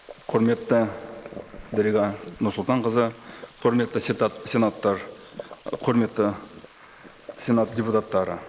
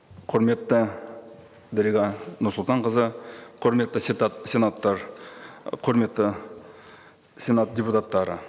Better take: second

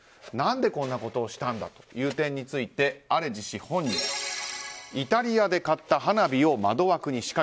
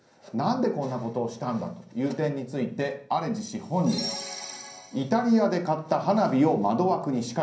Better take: first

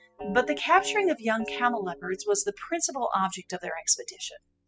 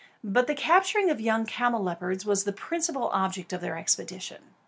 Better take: second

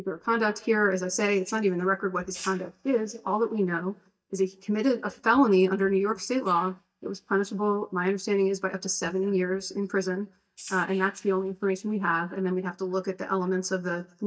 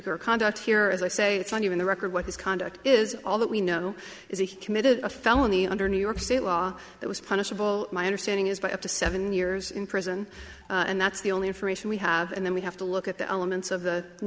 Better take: second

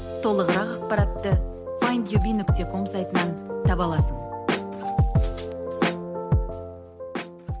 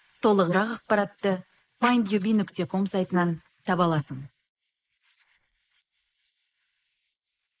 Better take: first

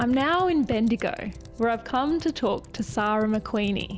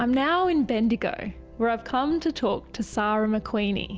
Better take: second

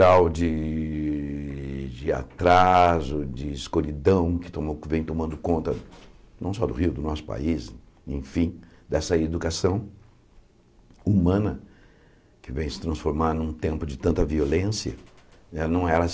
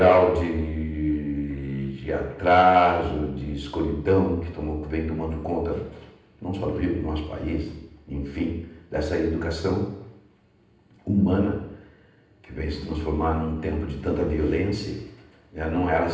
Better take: first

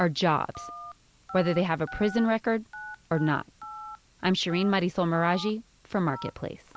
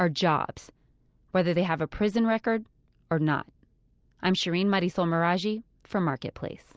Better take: second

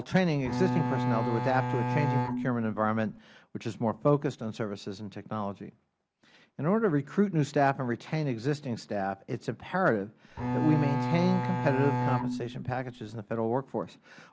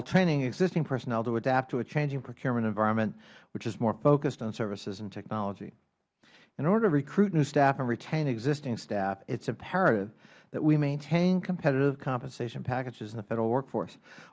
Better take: second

